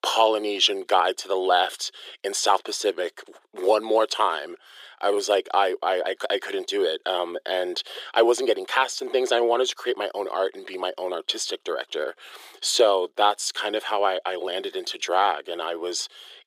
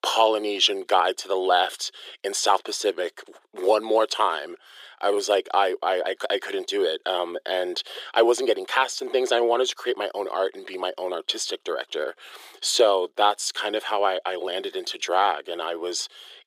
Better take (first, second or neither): neither